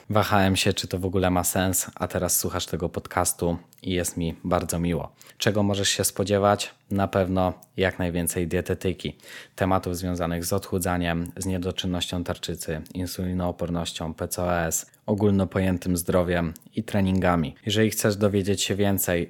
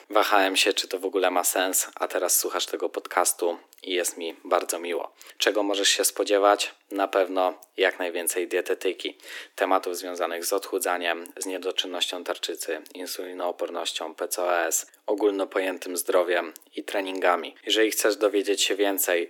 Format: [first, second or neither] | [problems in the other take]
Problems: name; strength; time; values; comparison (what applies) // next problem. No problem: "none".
first | thin; very; fading below 300 Hz